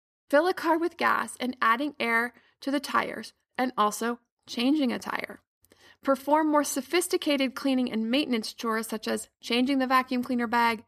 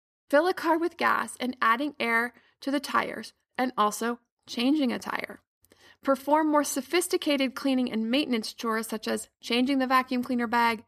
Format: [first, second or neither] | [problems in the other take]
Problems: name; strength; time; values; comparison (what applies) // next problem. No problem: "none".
neither | none